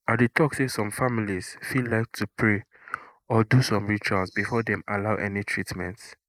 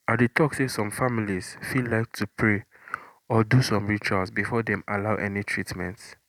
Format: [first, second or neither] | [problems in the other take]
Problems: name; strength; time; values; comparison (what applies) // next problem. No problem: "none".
second | noise reduction (neural mask model Resemble Enhance denoiser)